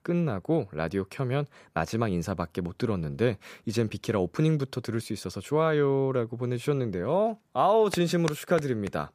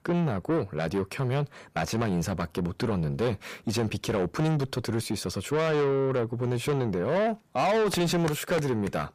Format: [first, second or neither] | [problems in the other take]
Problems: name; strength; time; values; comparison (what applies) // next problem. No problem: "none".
first | distortion; heavy; 7 dB below the speech